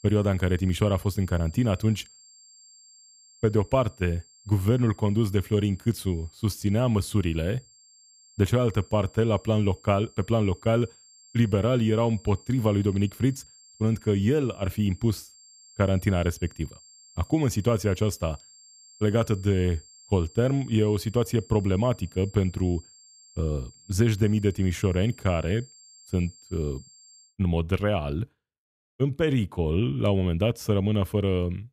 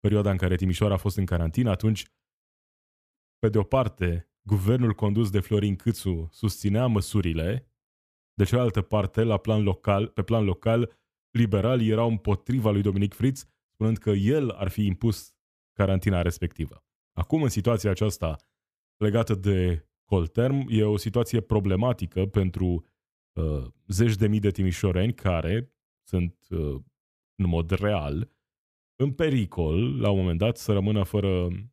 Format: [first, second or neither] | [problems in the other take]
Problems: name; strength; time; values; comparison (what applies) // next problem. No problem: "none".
second | high-pitched whine; faint; until 27 s; 7.5 kHz, 25 dB below the speech